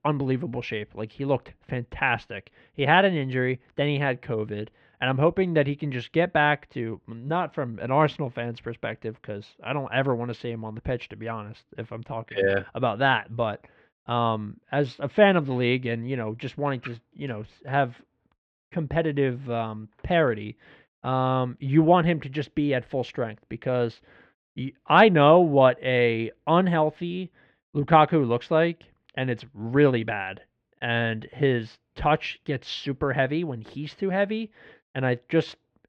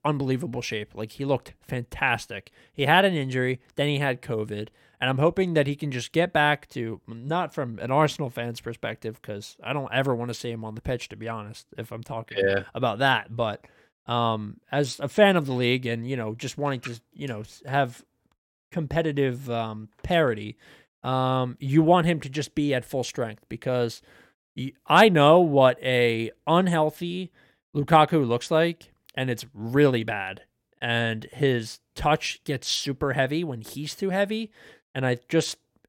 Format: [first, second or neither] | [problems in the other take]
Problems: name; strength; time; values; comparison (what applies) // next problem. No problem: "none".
second | muffled; slightly; fading above 3 kHz